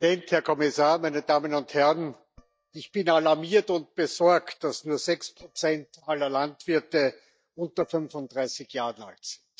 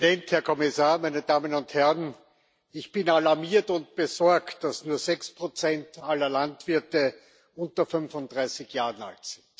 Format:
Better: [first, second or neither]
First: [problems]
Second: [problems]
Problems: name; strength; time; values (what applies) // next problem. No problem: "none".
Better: second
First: noise reduction (neural mask model DeepFilterNet 3)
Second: none